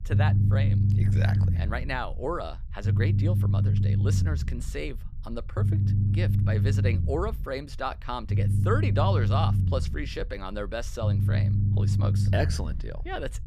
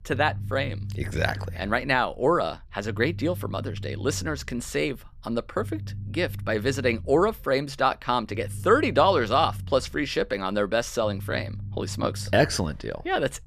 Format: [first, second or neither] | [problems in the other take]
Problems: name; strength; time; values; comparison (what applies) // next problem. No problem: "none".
second | low rumble; loud; throughout; 5 dB below the speech; faint in the second